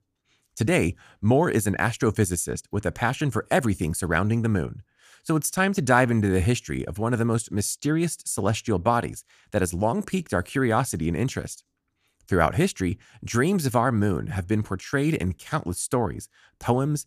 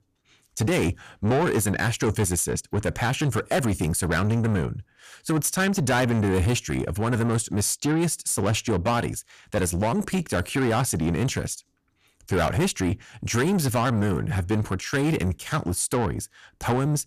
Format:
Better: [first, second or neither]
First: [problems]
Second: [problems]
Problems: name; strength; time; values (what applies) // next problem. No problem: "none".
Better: first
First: none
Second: distortion; heavy; 8 dB below the speech